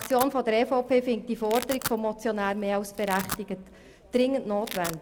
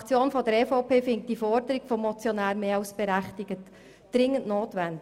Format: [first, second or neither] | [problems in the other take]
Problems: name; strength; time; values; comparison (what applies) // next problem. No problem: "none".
second | background sound (Domestic sounds, home sounds); 13 dB below the speech